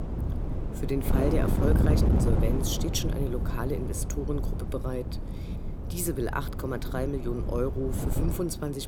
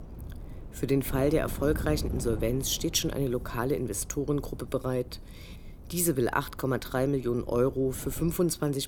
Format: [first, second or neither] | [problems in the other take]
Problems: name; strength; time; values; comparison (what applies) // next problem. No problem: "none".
second | wind noise on the microphone; heavy; 4 dB below the speech; occasional gusts in the second